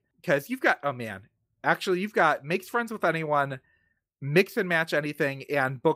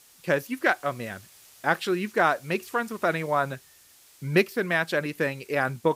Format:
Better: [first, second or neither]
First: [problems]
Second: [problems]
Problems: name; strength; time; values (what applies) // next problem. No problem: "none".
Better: first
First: none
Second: hiss; faint; throughout; 25 dB below the speech